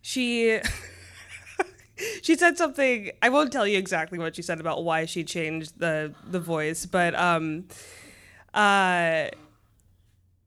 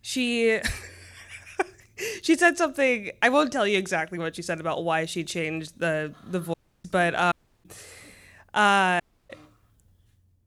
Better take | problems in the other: first | audio cutting out; at 6.5 s, at 7.5 s and at 9 s

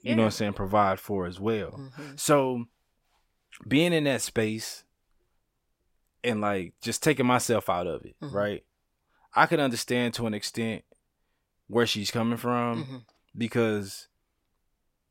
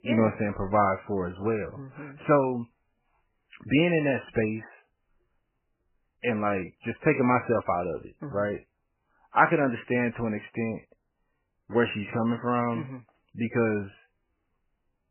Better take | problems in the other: first | garbled, watery; badly; nothing above 3 kHz

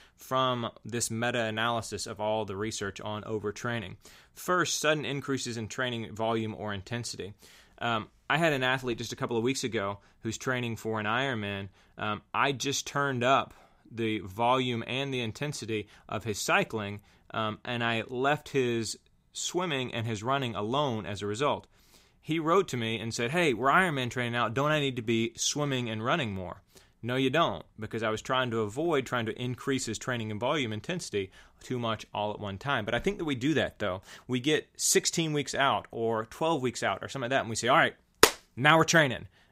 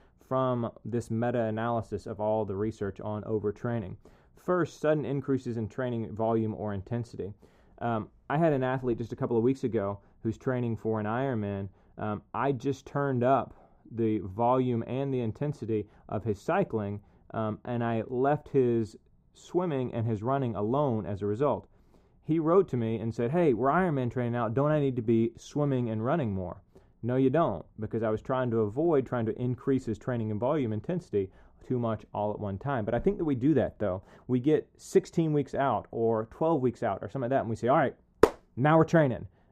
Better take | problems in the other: first | muffled; very; fading above 1.5 kHz

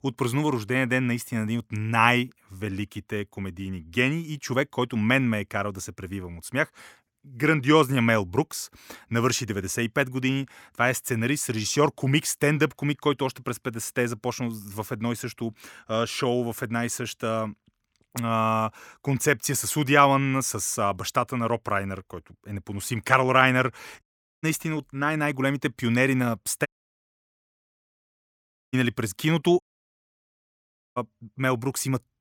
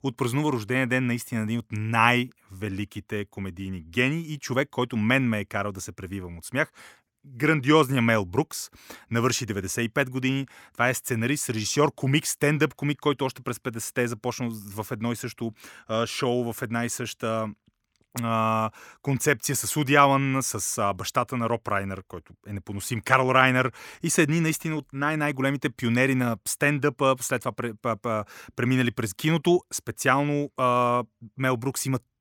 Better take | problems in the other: second | audio cutting out; at 24 s, at 27 s for 2 s and at 30 s for 1.5 s

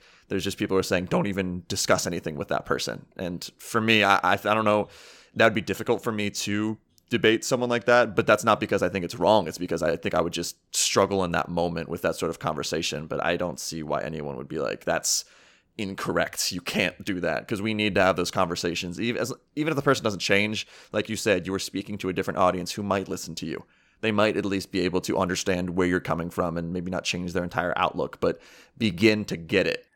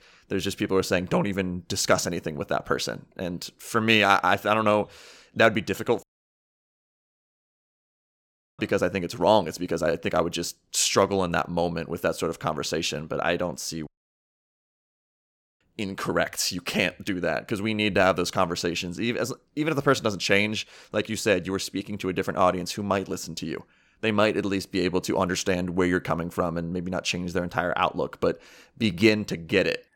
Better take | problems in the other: first | audio cutting out; at 6 s for 2.5 s and at 14 s for 1.5 s

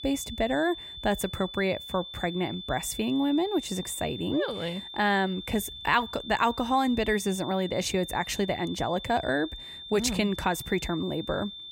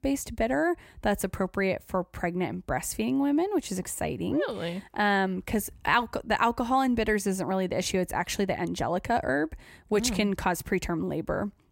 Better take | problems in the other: second | high-pitched whine; noticeable; throughout; 3.5 kHz, 10 dB below the speech

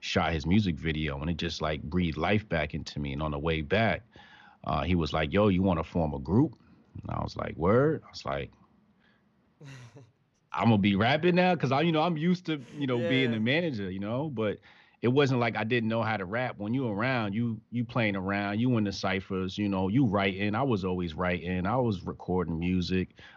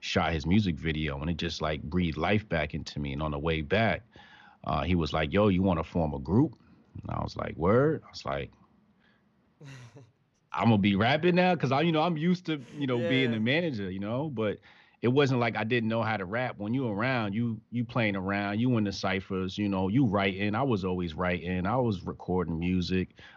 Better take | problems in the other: neither | none

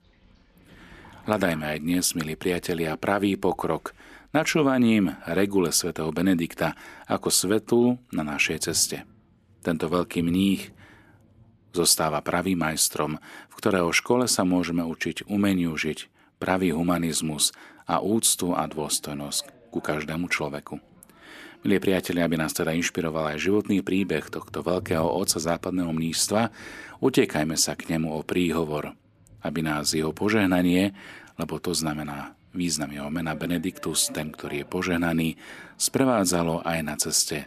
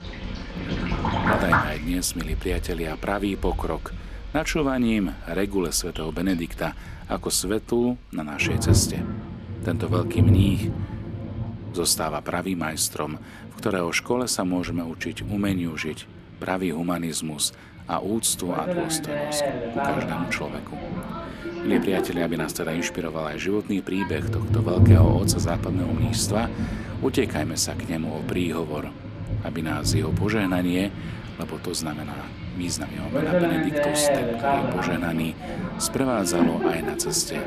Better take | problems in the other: first | rain or running water; loud; throughout; as loud as the speech; faint in the first

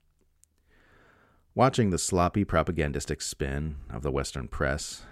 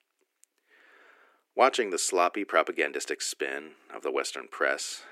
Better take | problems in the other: first | thin; very; fading below 300 Hz

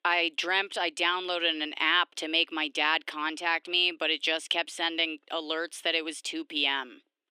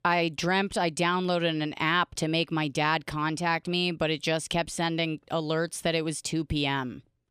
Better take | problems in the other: second | thin; somewhat; fading below 300 Hz

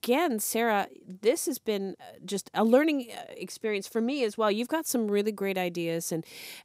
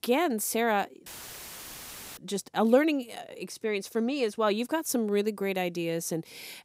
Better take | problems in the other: first | audio cutting out; filled with static; at 1 s for 1 s

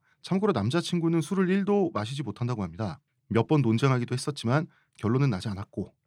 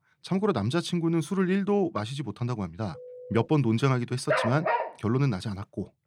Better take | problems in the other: first | phone ringing; faint; at 3 s; peak 15 dB below the speech // dog barking; loud; at 4.5 s; peak level with the speech

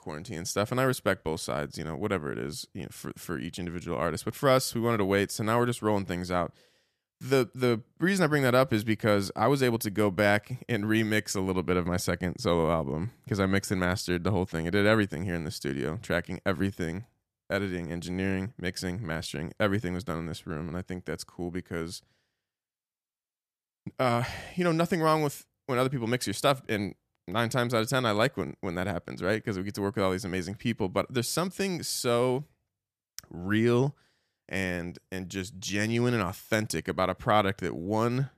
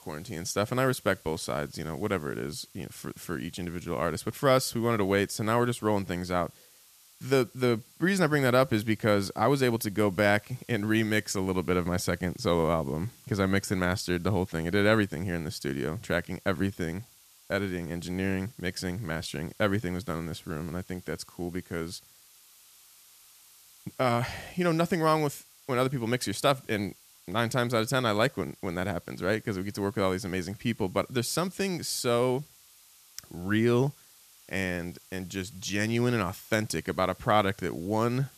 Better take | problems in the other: first | hiss; faint; throughout; 25 dB below the speech

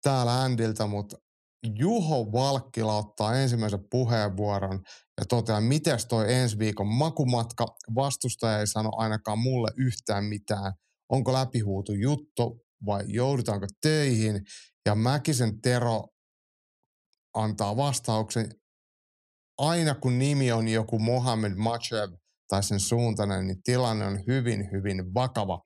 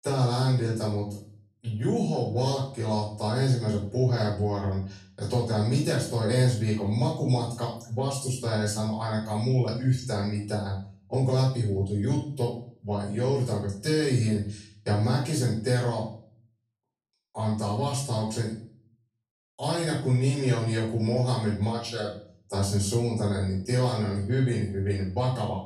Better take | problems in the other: first | off-mic speech; far // room echo; noticeable; dies away in 0.4 s

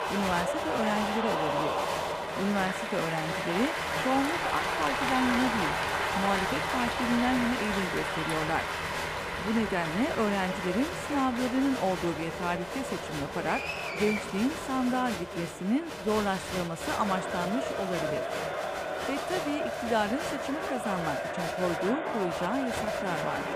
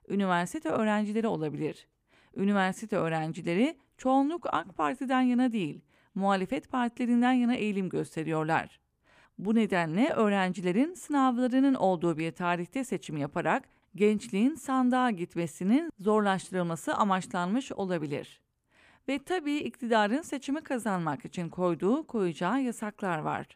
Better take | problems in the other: second | crowd noise; loud; throughout; as loud as the speech

